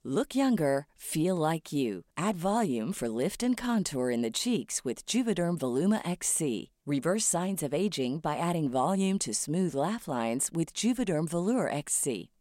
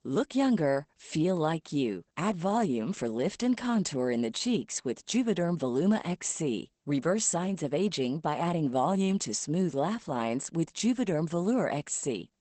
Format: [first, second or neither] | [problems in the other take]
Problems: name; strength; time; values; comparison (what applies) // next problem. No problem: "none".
first | garbled, watery; badly; nothing above 8 kHz